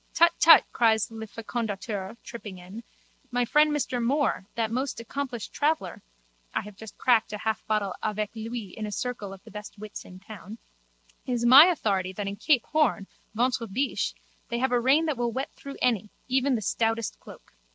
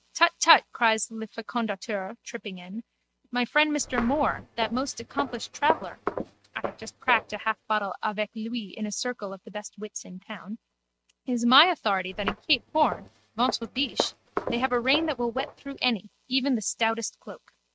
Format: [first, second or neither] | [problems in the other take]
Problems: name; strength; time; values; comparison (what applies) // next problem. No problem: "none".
first | noise reduction (neural mask model RNNoise)